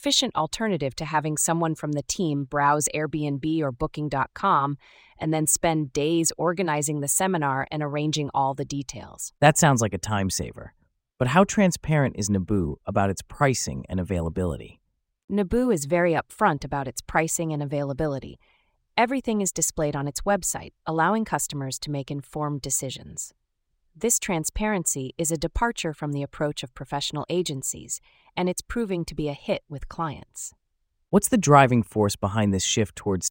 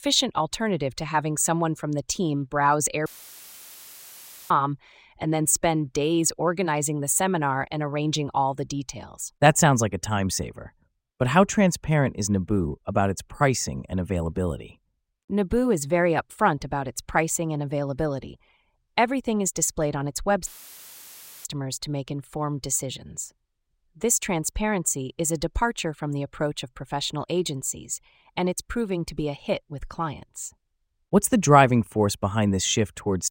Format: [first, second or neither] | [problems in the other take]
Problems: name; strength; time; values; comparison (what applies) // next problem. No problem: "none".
first | audio cutting out; filled with static; at 3 s for 1.5 s and at 20 s for 1 s